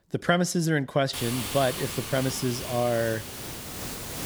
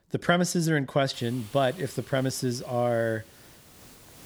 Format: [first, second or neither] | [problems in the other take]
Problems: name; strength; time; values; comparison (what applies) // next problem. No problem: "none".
second | hiss; loud; from 1 s on; 7 dB below the speech; faint in the second